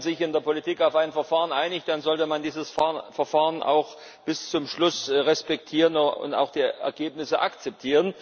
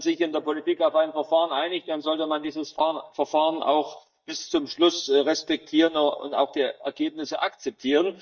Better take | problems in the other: first | noise reduction (neural mask model DeepFilterNet 3)

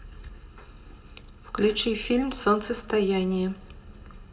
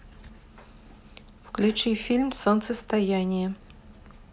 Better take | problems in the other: second | room echo; dies away in 1.5 s

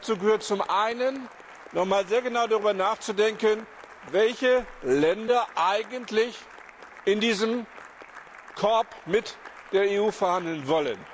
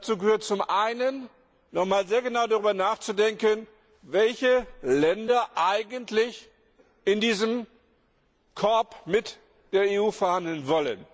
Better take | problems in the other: second | background sound (Applause); 20 dB below the speech

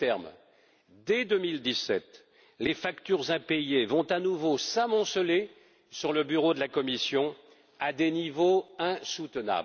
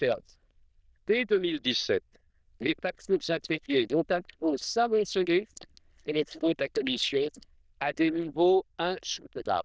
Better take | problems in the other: first | noise reduction (neural diffusion model UNIVERSE++)

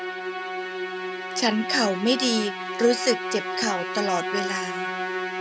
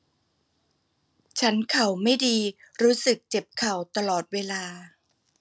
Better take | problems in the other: second | background sound (Musical instrument); 4 dB below the speech

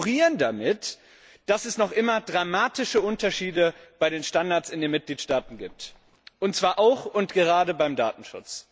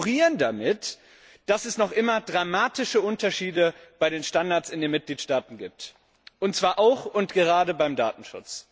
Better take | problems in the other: second | background sound (Fireworks); 20 dB below the speech

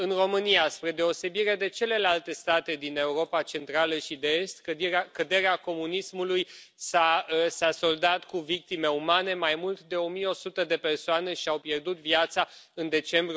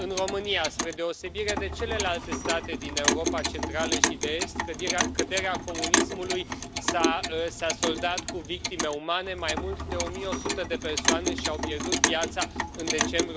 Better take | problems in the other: first | background sound (Clock); 2 dB above the speech

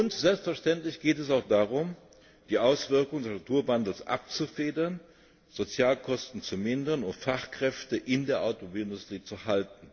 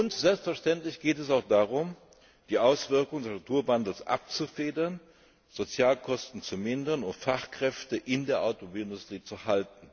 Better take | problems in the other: second | room echo; dies away in 0.6 s

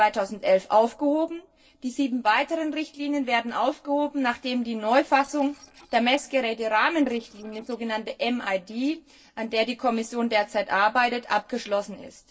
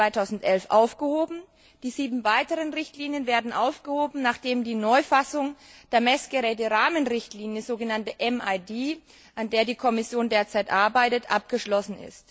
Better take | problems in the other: second | noise reduction (neural separator model SepFormer DNS4)

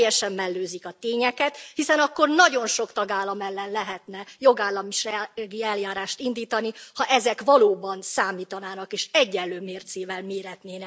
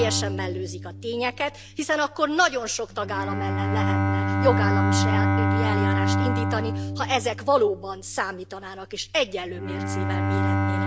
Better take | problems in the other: first | background sound (Bowed string instrument); 2 dB above the speech

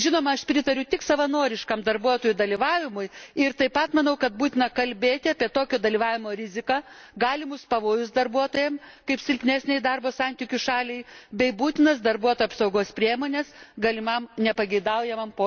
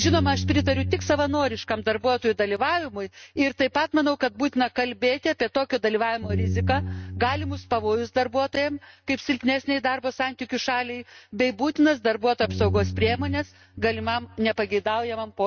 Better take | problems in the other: first | noise reduction (neural mask model RNNoise)

